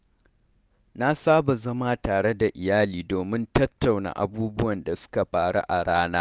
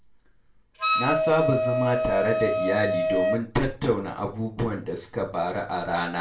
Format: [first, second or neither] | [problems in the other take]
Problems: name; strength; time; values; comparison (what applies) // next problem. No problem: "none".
first | background sound (Wind instrument, woodwind instrument); 1 dB above the speech // room echo; dies away in 0.3 s